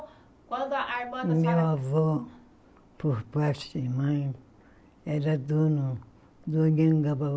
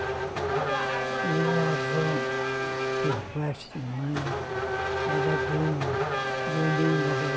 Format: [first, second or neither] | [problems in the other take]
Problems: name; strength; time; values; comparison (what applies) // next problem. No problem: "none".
first | background sound (Race car, auto racing / Accelerating, revving, vroom); 2 dB above the speech